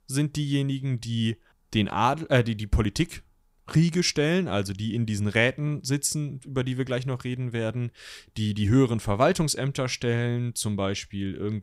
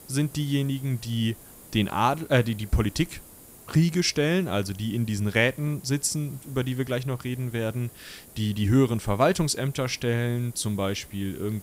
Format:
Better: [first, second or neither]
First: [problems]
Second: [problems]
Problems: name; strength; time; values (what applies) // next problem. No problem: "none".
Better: first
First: none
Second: hiss; faint; throughout; 20 dB below the speech